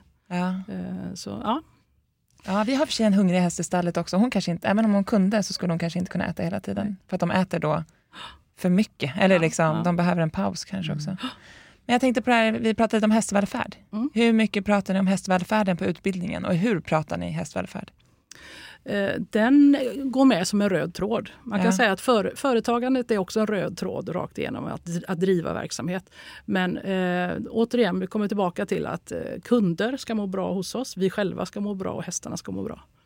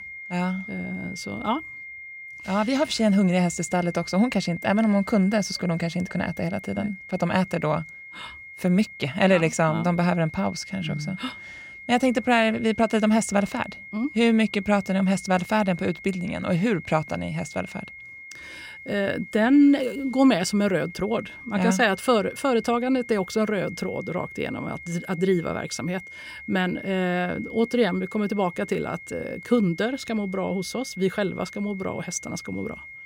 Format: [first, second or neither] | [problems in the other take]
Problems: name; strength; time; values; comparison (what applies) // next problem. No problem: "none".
first | high-pitched whine; noticeable; throughout; 2 kHz, 15 dB below the speech